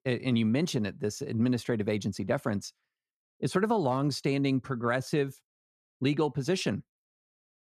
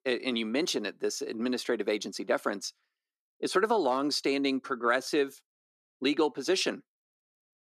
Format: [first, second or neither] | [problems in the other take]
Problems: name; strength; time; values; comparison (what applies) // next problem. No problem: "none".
first | thin; very slightly; fading below 300 Hz